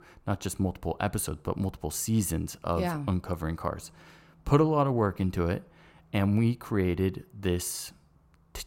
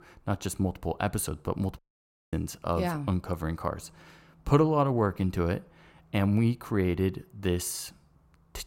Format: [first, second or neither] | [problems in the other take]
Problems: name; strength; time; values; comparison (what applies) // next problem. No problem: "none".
first | audio cutting out; at 2 s for 0.5 s